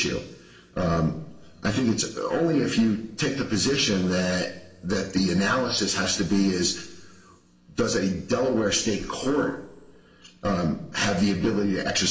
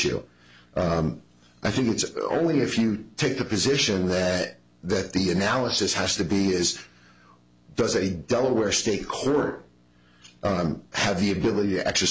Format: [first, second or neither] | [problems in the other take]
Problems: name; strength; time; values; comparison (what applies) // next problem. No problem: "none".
second | room echo; dies away in 1.9 s